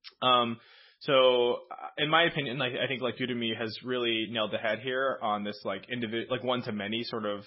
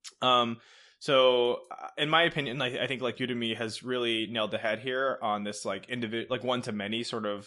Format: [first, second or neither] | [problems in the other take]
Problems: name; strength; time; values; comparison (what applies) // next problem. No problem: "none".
second | garbled, watery; badly; nothing above 5.5 kHz; slightly in the second